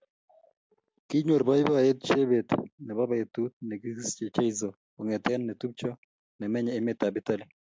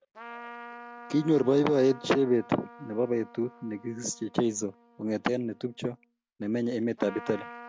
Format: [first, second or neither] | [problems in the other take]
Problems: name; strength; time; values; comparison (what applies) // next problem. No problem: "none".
first | background sound (Trumpet); 18 dB below the speech